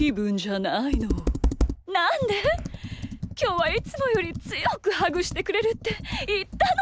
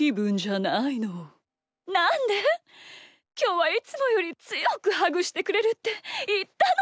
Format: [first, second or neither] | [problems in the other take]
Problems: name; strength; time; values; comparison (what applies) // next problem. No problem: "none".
second | background sound (Computer keyboard); 5 dB below the speech